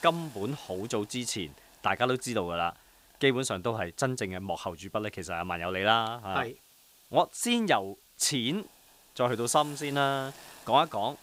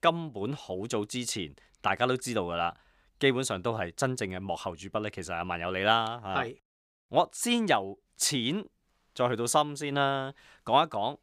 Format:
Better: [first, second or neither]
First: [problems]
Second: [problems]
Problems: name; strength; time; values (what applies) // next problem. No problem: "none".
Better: second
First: hiss; faint; throughout; 25 dB below the speech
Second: none